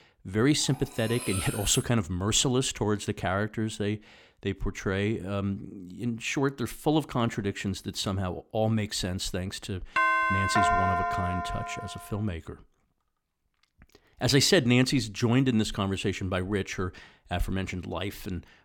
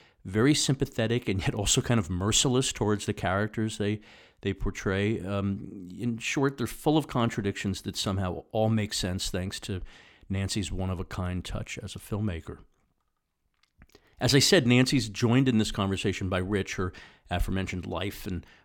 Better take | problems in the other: second | clattering dishes; noticeable; from 0.5 to 2 s; peak 5 dB below the speech // doorbell; loud; from 10 to 12 s; peak 5 dB above the speech

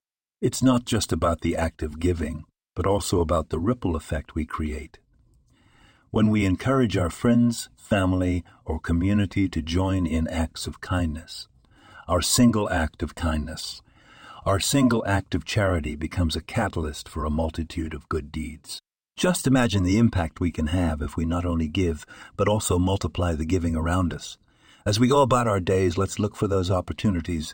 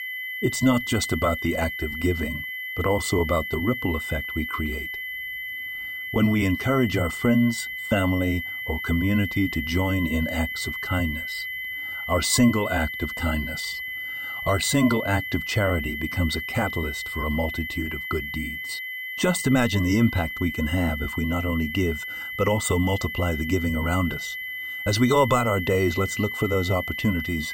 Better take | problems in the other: first | high-pitched whine; loud; throughout; 2 kHz, 5 dB below the speech

